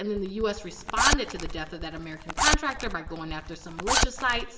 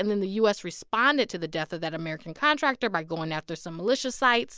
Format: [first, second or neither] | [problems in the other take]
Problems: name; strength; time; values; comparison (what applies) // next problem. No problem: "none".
second | background sound (Zipper (clothing)); 2 dB above the speech // room echo; dies away in 2.9 s